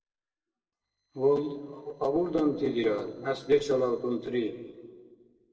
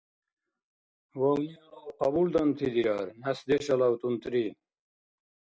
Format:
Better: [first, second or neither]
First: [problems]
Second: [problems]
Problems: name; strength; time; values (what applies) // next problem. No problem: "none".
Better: second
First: noise reduction (neural separator model SepFormer DNS4)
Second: none